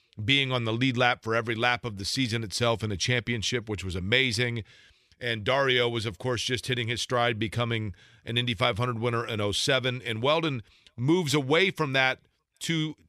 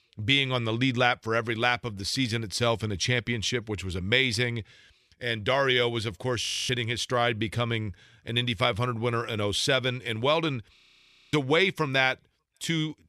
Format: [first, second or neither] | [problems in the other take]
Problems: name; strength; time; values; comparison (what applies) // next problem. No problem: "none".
first | audio freezing; at 6.5 s and at 11 s for 0.5 s